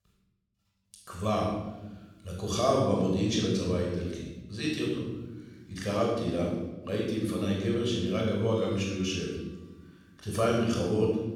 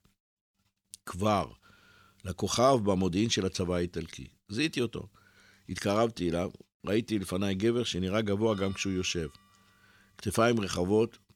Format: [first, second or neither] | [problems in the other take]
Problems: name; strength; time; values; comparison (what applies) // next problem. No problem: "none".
second | off-mic speech; far // room echo; noticeable; dies away in 1 s